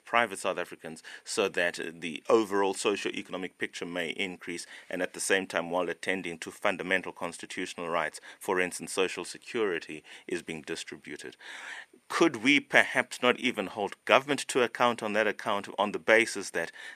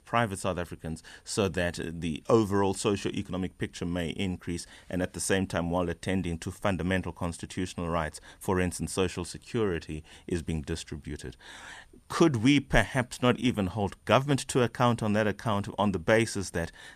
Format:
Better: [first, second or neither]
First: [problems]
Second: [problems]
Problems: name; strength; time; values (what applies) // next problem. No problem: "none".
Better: second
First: thin; somewhat; fading below 350 Hz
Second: none